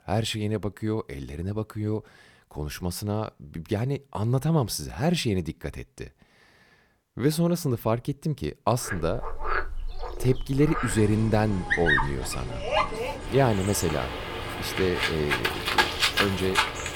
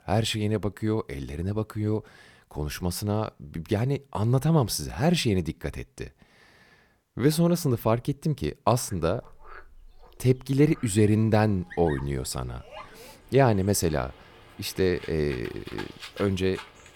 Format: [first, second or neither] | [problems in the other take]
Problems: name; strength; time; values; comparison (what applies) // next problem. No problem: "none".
second | animal sounds; loud; from 9 s on; 1 dB below the speech; faint in the second